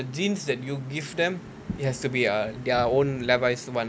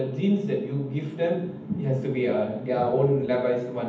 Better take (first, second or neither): first